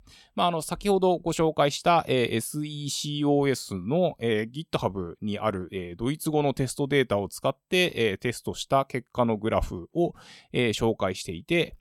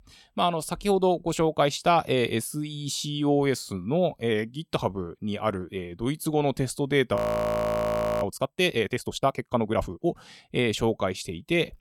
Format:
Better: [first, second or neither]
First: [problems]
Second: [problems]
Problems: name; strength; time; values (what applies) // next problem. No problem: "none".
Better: first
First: none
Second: audio freezing; at 7 s for 1 s